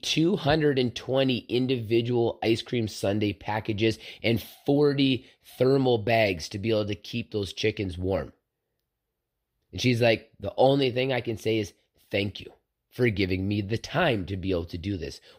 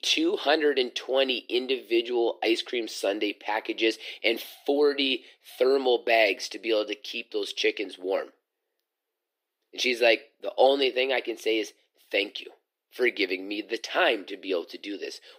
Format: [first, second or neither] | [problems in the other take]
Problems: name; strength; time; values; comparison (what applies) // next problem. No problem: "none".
first | thin; somewhat; fading below 300 Hz